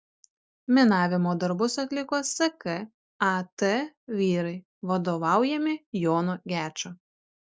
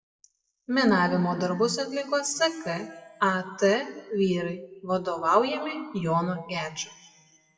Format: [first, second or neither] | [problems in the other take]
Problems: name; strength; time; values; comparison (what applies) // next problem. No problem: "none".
first | noise reduction (classical method WPE with log-MMSE)